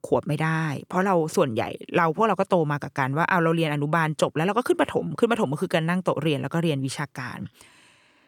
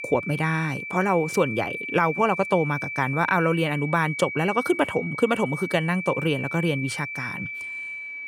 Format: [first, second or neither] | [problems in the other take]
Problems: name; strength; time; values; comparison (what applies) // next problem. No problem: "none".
first | high-pitched whine; loud; throughout; 2.5 kHz, 7 dB below the speech